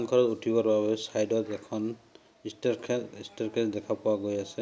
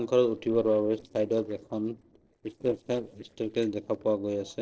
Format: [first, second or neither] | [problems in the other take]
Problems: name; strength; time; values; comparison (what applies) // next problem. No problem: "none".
first | noise reduction (neural separator model SepFormer DNS4)